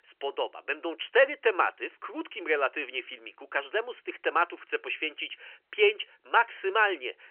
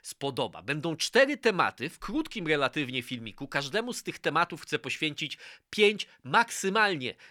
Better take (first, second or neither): second